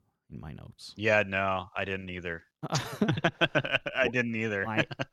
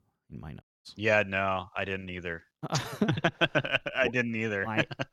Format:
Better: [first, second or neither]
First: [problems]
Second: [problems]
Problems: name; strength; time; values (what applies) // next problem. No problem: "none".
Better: first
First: none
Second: audio cutting out; at 0.5 s